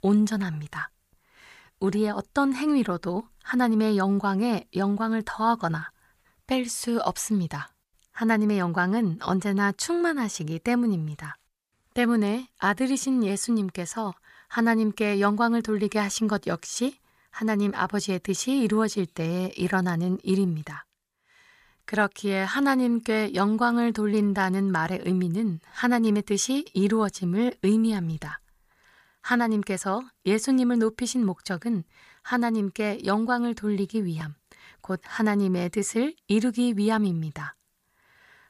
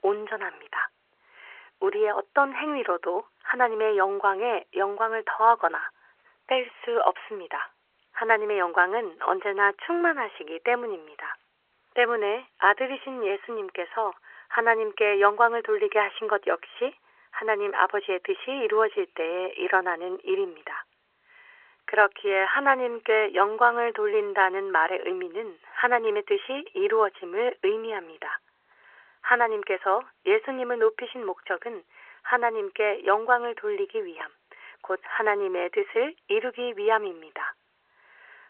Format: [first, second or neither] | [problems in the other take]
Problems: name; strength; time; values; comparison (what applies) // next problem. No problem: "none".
first | phone-call audio